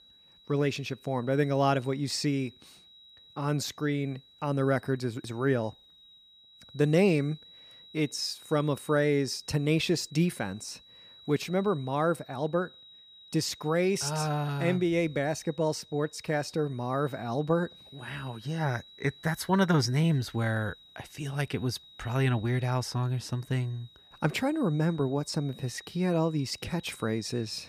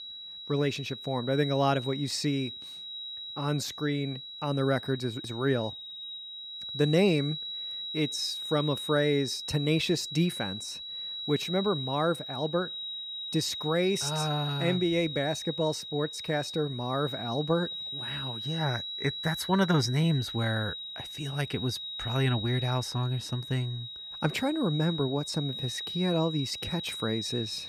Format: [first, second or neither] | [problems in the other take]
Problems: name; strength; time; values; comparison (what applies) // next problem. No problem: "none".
first | high-pitched whine; loud; throughout; 4 kHz, 6 dB below the speech; faint in the first